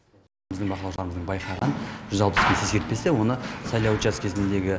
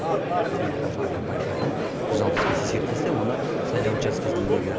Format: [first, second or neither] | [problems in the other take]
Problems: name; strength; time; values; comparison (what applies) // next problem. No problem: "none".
first | background sound (Crowd); 5 dB above the speech